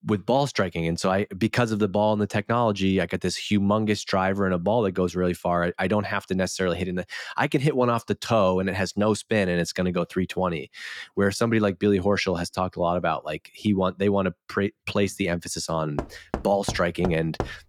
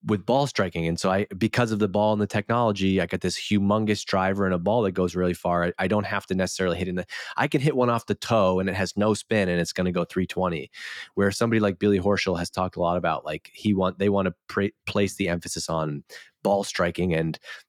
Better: second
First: door banging; noticeable; from 16 s on; peak 7 dB below the speech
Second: none

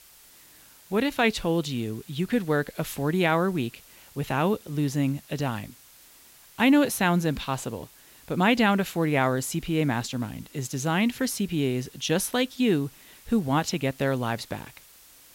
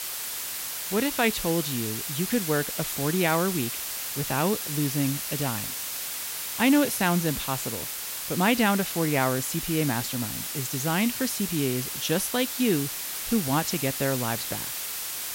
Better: first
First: hiss; faint; throughout; 25 dB below the speech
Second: hiss; loud; throughout; 3 dB below the speech

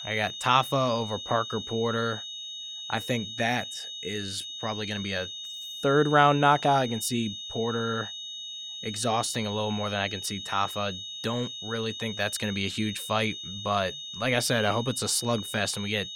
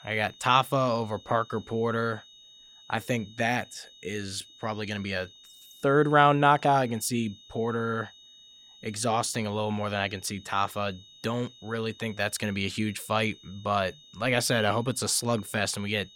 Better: second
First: high-pitched whine; loud; throughout; 3.5 kHz, 8 dB below the speech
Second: high-pitched whine; faint; throughout; 3.5 kHz, 25 dB below the speech

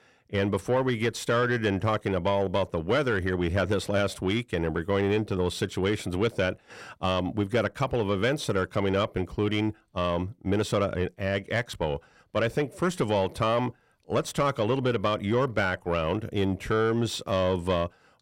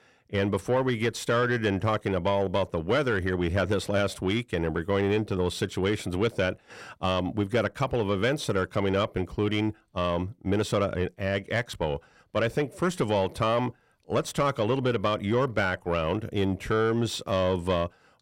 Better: neither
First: distortion; slight; 10 dB below the speech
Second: distortion; slight; 10 dB below the speech

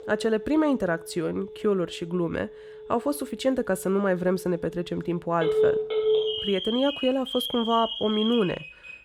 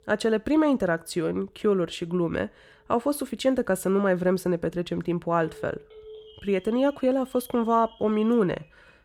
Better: second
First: alarms or sirens; loud; throughout; 2 dB below the speech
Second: alarms or sirens; faint; throughout; 25 dB below the speech

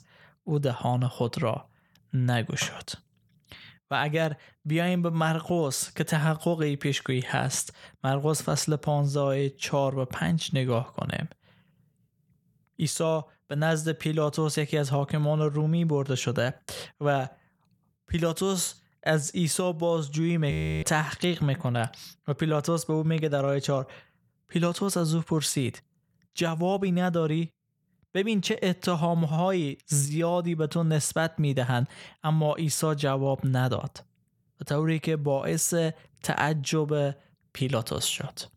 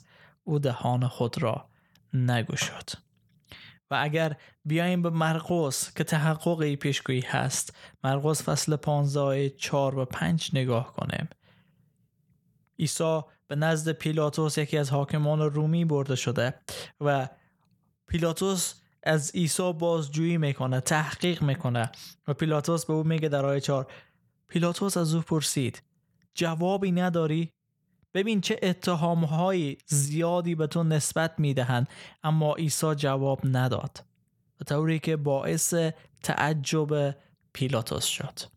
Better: second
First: audio freezing; at 21 s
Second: none

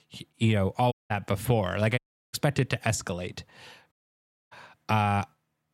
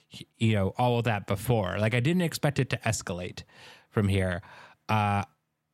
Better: second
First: audio cutting out; at 1 s, at 2 s and at 4 s for 0.5 s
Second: none

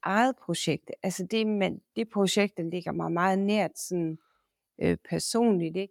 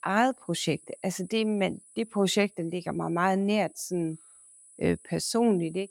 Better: first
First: none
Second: high-pitched whine; faint; throughout; 10 kHz, 25 dB below the speech

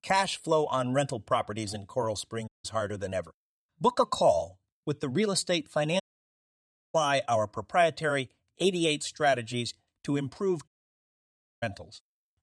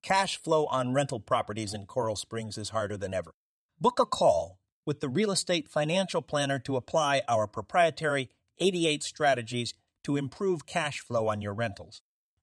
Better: second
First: audio cutting out; at 2.5 s, at 6 s for 1 s and at 11 s for 1 s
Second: none

